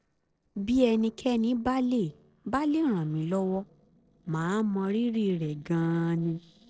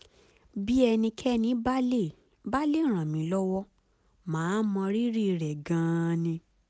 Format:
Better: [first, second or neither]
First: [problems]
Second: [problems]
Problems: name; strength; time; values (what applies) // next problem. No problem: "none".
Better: second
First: noise reduction (neural separator model SepFormer DNS4)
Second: none